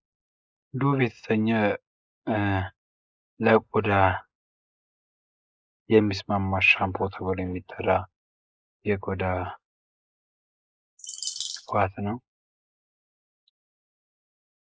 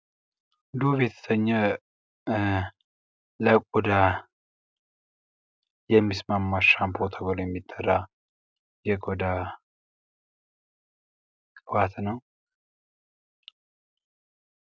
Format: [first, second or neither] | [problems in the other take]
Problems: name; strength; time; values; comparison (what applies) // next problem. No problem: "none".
second | noise reduction (neural mask model Resemble Enhance denoiser)